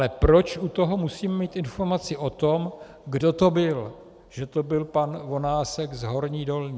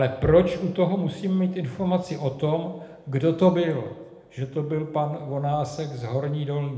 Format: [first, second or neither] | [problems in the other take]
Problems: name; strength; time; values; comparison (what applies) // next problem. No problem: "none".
first | room echo; dies away in 0.9 s